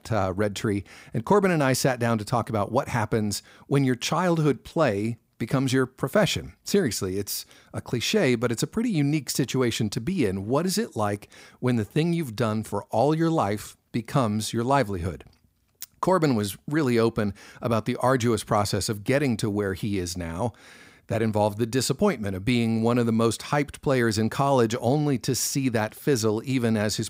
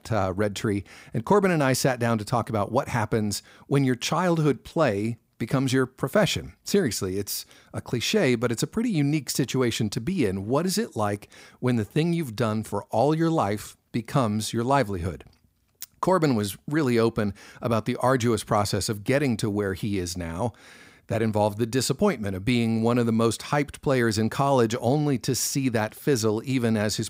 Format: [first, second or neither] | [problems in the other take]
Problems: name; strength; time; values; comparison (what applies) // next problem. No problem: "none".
neither | none